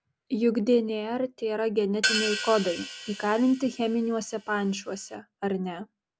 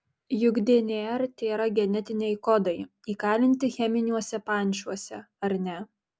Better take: second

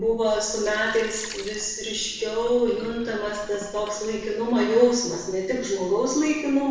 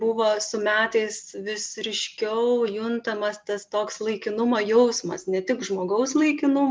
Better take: second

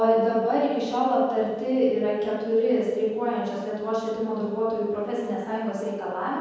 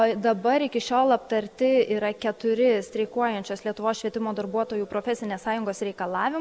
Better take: second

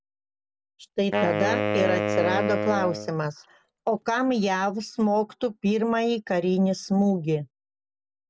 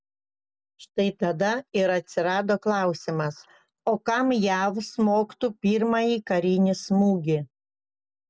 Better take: second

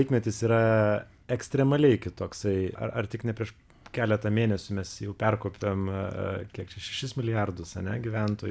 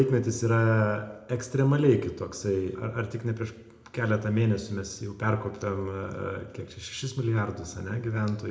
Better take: first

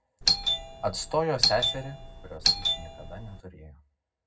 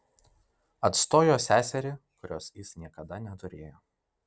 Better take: second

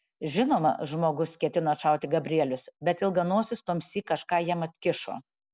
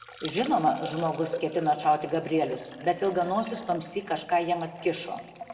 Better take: first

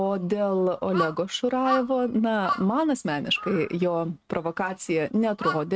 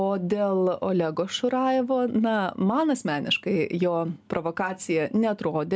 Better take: second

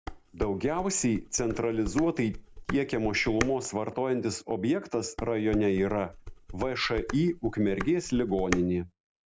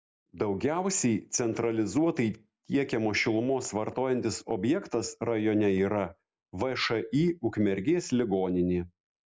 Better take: second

